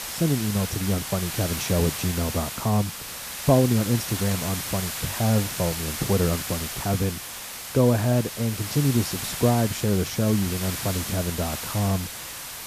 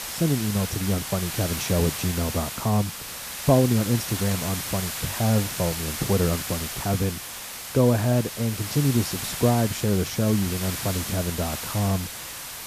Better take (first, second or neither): neither